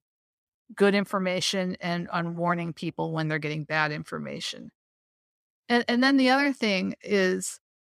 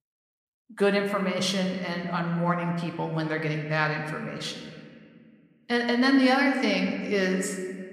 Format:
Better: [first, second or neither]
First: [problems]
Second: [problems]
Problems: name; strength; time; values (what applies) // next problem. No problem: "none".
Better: first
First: none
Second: room echo; slight; dies away in 1.7 s